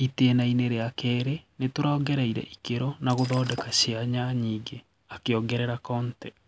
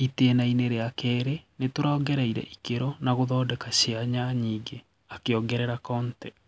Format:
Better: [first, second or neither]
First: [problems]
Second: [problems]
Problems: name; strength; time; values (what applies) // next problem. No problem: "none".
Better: second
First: background sound (Shatter); 14 dB below the speech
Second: none